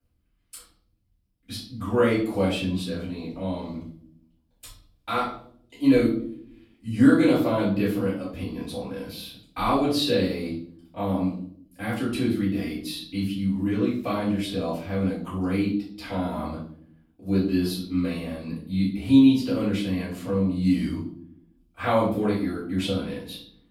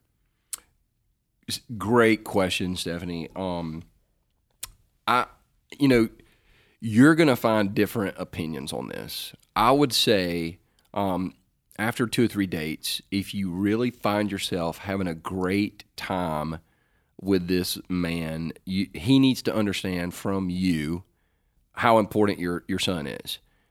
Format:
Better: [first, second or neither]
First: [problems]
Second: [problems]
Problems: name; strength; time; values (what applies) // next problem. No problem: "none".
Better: second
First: off-mic speech; far // room echo; noticeable; dies away in 0.6 s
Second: none